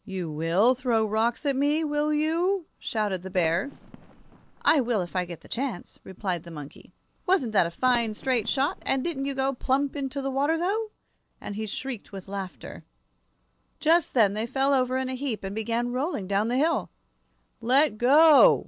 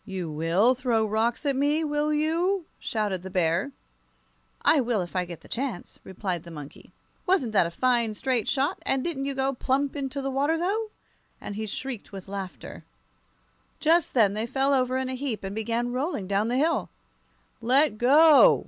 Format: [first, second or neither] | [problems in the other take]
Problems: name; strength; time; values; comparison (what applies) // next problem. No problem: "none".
second | noise reduction (neural separator model SepFormer DNS4)